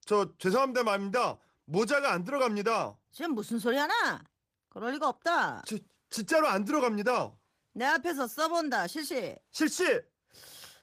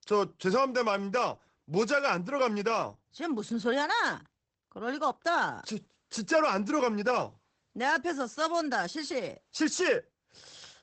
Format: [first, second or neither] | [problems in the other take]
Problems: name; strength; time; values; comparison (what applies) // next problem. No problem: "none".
first | garbled, watery; badly; nothing above 8 kHz; slightly in the first